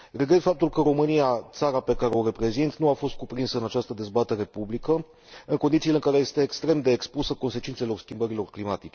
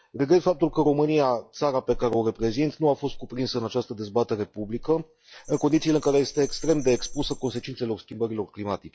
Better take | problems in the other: first | noise reduction (classical method log-MMSE)

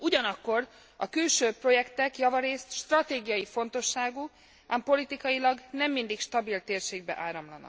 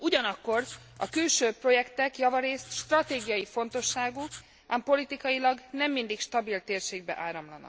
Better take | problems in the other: first | background sound (Writing); 18 dB below the speech

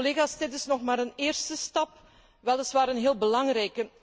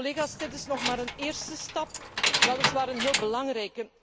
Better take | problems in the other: first | background sound (Keys jangling); 1 dB above the speech

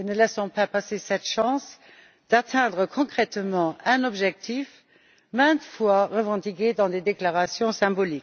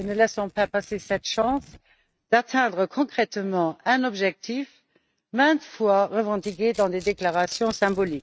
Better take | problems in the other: first | noise reduction (neural mask model RNNoise)

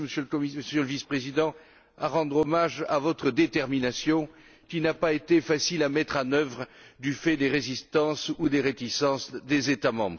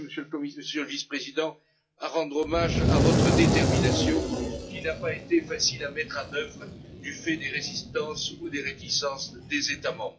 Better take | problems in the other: first | noise reduction (classical method WPE with log-MMSE)

